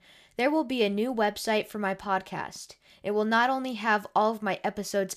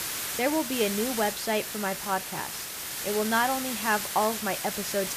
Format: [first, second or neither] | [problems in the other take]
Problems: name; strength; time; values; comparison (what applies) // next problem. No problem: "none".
first | hiss; loud; throughout; 3 dB below the speech